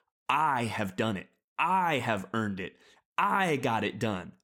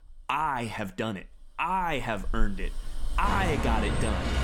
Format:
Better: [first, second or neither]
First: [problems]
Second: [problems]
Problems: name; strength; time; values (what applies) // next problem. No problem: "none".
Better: first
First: none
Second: traffic noise; loud; throughout; 2 dB below the speech